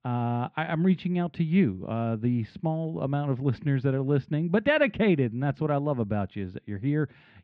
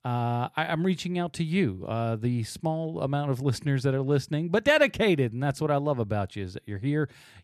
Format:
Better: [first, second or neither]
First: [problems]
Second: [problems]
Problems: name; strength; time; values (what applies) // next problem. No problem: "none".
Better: second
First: muffled; very; fading above 3 kHz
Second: none